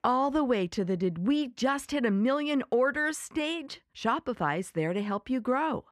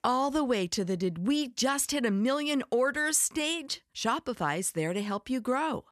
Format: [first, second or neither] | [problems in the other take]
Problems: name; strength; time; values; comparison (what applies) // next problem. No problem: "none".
second | muffled; slightly; fading above 4 kHz